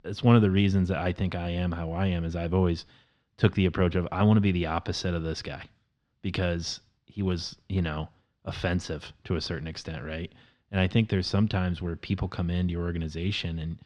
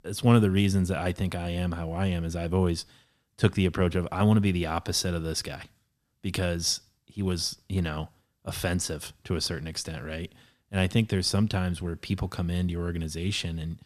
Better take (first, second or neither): second